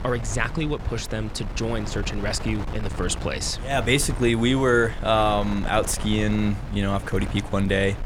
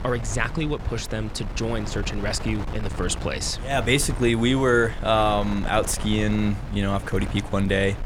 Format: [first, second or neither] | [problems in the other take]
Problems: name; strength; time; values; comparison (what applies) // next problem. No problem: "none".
neither | wind noise on the microphone; occasional gusts; 15 dB below the speech; the same in both